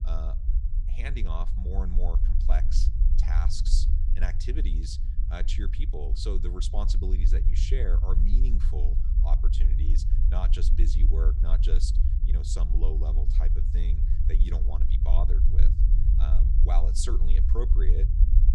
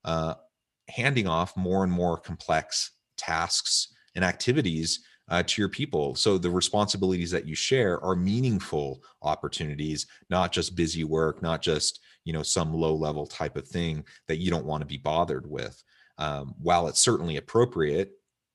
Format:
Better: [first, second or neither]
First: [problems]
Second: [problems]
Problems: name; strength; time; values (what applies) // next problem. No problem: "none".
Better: second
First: low rumble; loud; throughout; 6 dB below the speech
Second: none